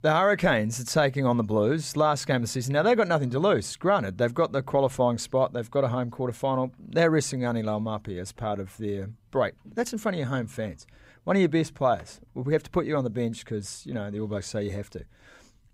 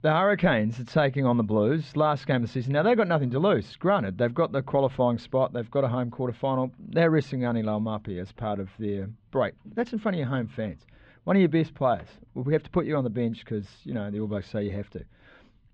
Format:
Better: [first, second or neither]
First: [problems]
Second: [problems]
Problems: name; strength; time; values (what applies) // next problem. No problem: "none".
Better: first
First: none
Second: muffled; slightly; fading above 3.5 kHz